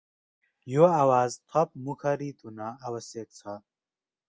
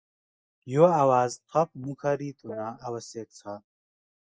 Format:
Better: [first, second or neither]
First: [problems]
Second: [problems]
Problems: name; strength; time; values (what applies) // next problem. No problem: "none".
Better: first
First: none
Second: noise reduction (neural mask model Resemble Enhance denoiser)